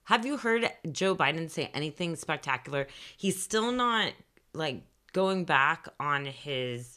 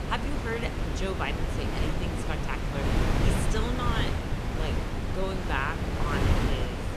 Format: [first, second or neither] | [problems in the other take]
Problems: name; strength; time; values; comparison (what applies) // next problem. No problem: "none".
first | wind noise on the microphone; heavy; as loud as the speech